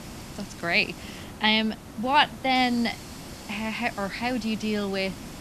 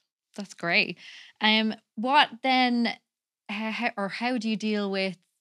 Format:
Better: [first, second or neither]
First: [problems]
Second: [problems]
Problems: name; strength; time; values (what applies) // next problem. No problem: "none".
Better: second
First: hiss; noticeable; throughout; 15 dB below the speech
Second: none